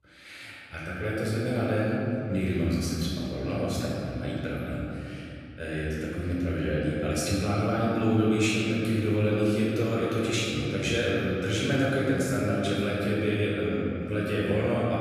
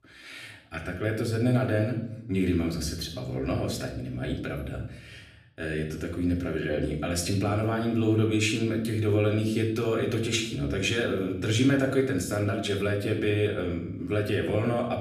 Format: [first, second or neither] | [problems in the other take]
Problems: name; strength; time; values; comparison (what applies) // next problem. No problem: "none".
second | room echo; strong; dies away in 2.7 s; slight in the second // off-mic speech; far; far in the second